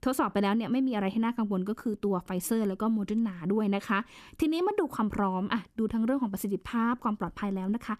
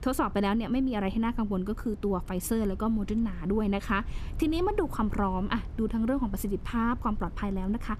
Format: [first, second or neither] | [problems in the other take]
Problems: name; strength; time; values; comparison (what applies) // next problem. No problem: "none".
first | low rumble; faint; throughout; 25 dB below the speech